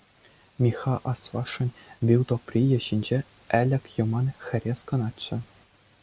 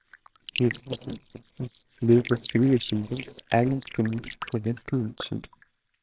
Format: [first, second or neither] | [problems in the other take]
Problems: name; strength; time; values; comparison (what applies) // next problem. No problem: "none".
first | noise reduction (neural separator model SepFormer WHAMR!)